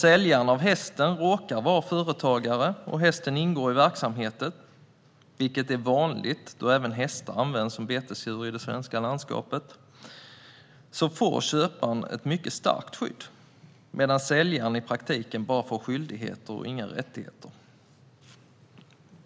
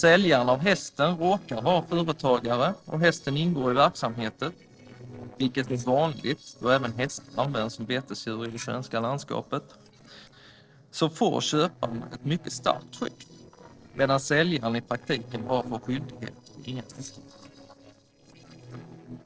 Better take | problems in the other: first | noise reduction (neural separator model SepFormer DNS4)

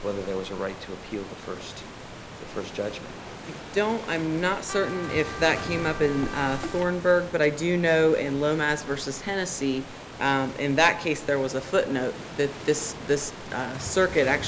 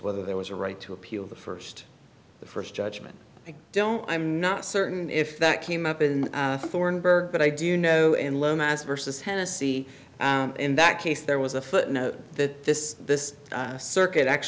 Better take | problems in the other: second | background sound (Waves, surf + Trumpet); 12 dB below the speech

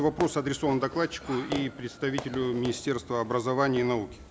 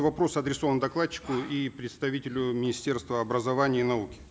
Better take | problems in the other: second | background sound (Fireworks); 14 dB below the speech

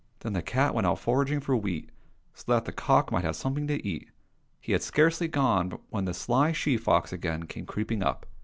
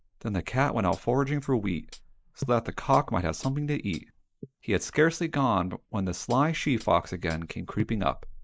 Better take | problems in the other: first | noise reduction (neural mask model Resemble Enhance denoiser)

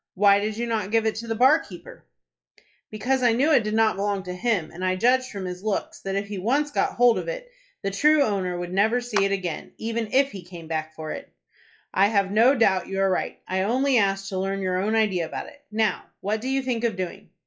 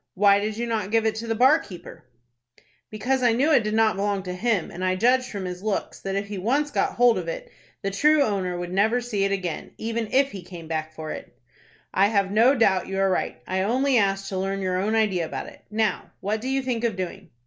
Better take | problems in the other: second | noise reduction (classical method log-MMSE)

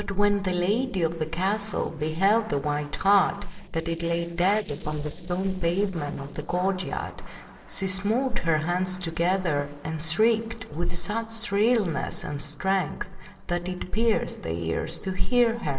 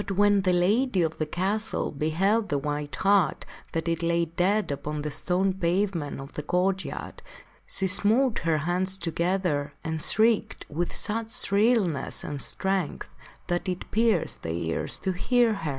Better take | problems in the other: second | noise reduction (neural separator model SepFormer DNS4)

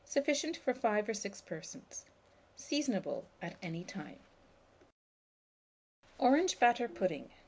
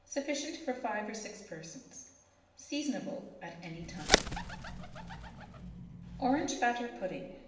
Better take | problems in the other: first | background sound (Bird); 2 dB above the speech // room echo; dies away in 0.9 s

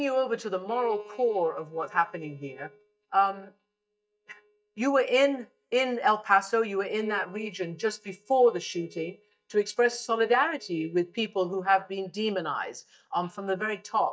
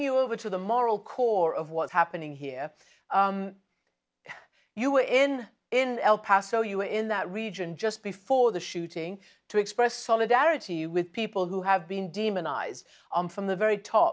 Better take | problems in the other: second | noise reduction (neural mask model DeepFilterNet 3)

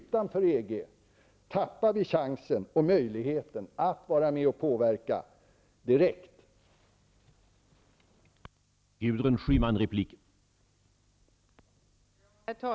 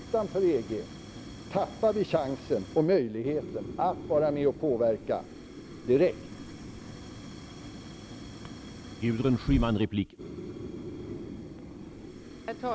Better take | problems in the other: first | background sound (Fire); 12 dB below the speech

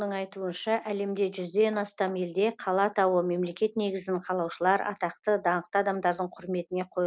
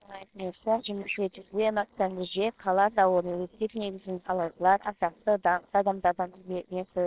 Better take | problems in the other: first | noise reduction (neural separator model SepFormer WHAMR!)

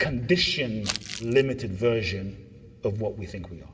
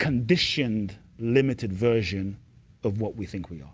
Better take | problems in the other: second | background sound (Crumpling, crinkling); 8 dB below the speech // room echo; dies away in 2.3 s

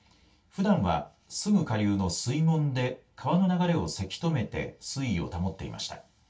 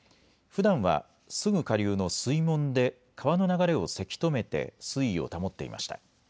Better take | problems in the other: second | room echo; dies away in 0.2 s

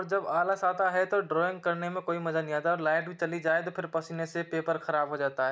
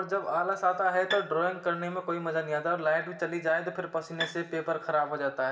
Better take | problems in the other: first | background sound (Bowed string instrument); 10 dB below the speech // room echo; dies away in 0.9 s

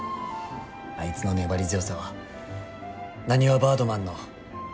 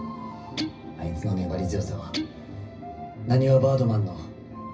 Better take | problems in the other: first | background sound (Guitar); 12 dB below the speech // room echo; dies away in 0.4 s

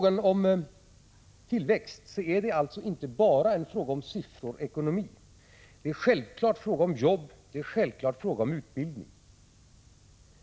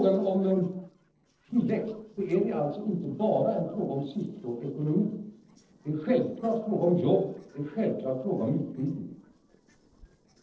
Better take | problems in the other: first | noise reduction (neural separator model SepFormer DNS4)

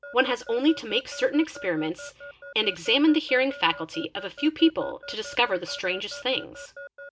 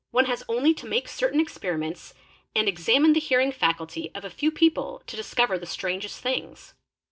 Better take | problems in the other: second | background sound (Alarm / Keyboard (musical)); 17 dB below the speech

